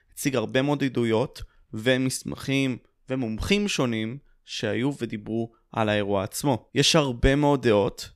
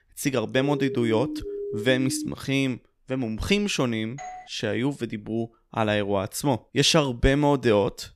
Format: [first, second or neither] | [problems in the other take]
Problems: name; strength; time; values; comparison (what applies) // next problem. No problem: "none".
first | siren; noticeable; from 0.5 to 2.5 s; peak 7 dB below the speech // doorbell; faint; at 4 s; peak 15 dB below the speech